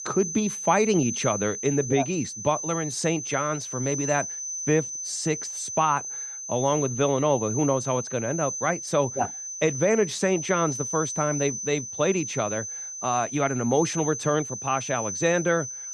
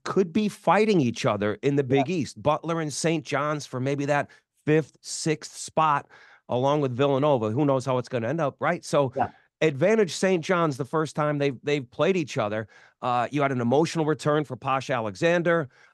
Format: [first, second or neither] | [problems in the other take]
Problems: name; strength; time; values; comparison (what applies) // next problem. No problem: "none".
second | high-pitched whine; loud; throughout; 6 kHz, 5 dB below the speech